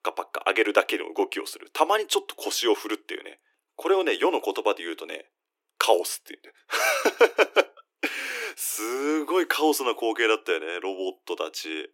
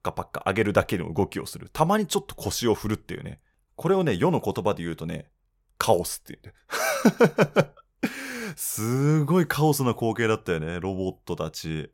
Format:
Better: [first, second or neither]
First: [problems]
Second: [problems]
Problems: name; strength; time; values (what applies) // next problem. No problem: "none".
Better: second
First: thin; very; fading below 300 Hz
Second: none